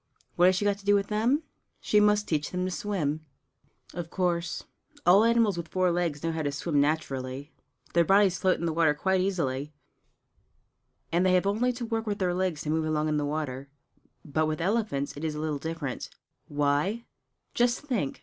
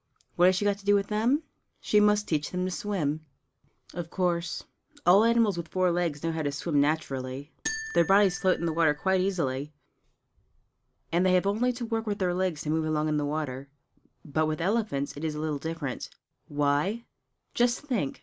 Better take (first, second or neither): first